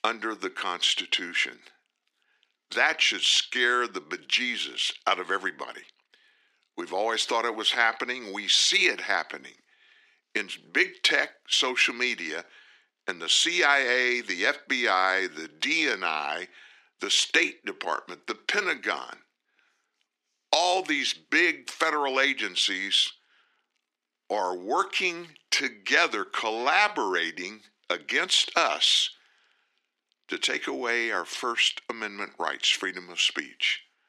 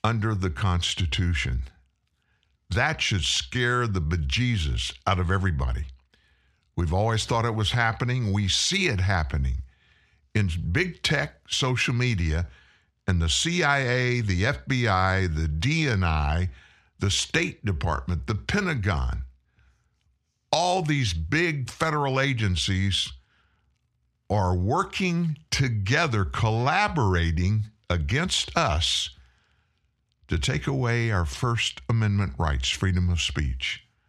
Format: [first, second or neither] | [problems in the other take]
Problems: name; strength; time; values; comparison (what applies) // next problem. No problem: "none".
second | thin; very; fading below 300 Hz